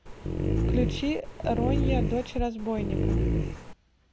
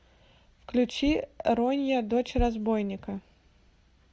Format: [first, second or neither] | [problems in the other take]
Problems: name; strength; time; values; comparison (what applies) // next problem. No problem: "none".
second | background sound (Dog); 4 dB above the speech